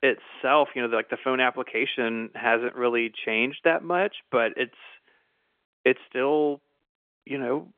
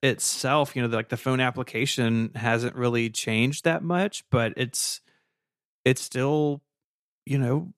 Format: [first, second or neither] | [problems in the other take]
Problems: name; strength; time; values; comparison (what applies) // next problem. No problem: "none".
second | phone-call audio; nothing above 3 kHz